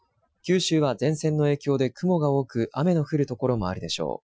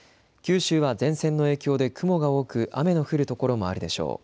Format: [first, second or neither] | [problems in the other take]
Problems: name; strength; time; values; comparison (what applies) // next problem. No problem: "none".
second | noise reduction (classical method Wiener filter)